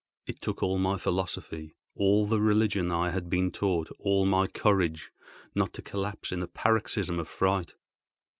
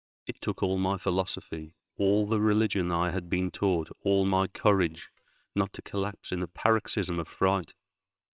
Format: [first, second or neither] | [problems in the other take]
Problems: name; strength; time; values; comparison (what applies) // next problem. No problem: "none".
first | noise reduction (neural separator model SepFormer WHAMR!)